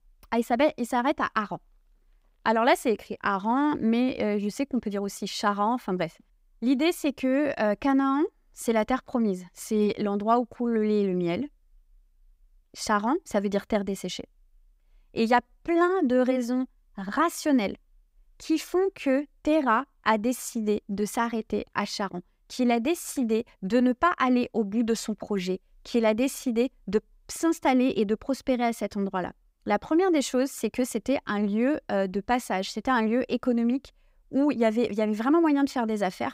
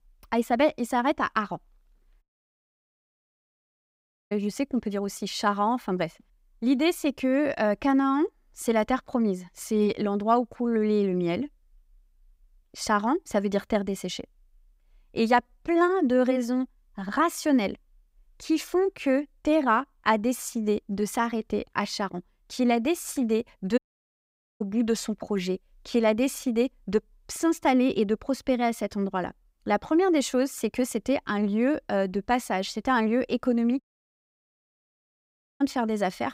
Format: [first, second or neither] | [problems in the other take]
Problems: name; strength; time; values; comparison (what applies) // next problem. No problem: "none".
first | audio cutting out; at 2 s for 2 s, at 24 s for 1 s and at 34 s for 2 s